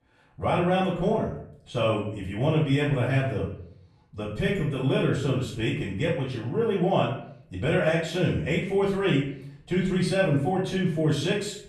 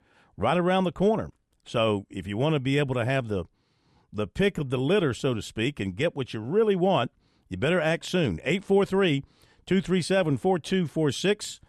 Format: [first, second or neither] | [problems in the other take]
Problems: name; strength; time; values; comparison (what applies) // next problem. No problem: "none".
second | room echo; noticeable; dies away in 0.5 s // off-mic speech; far